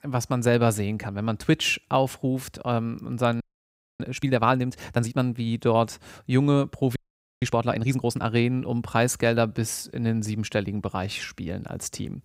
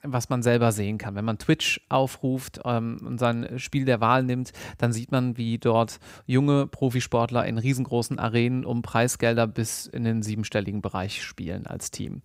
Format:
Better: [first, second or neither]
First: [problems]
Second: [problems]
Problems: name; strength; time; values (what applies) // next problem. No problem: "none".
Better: second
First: audio freezing; at 3.5 s for 0.5 s and at 7 s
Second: none